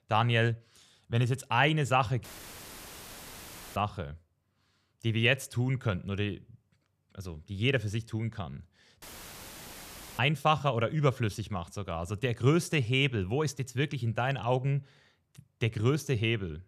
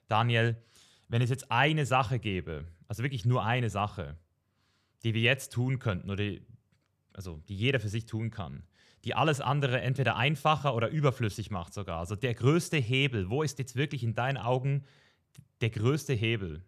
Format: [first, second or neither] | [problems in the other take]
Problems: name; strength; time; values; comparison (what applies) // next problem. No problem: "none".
second | audio cutting out; filled with static; at 2 s for 1.5 s and at 9 s for 1 s